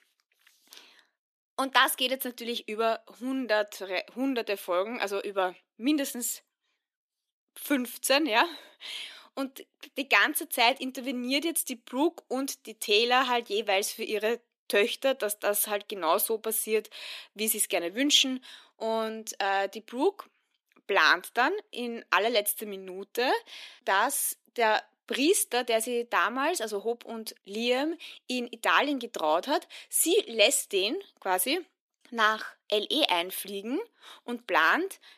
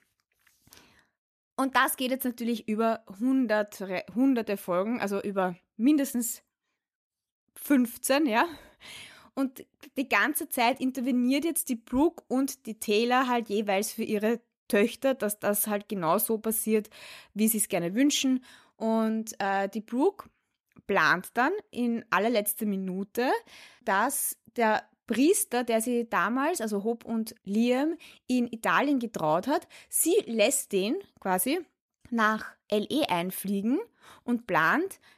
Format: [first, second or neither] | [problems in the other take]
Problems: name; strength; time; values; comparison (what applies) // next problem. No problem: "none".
second | thin; somewhat; fading below 300 Hz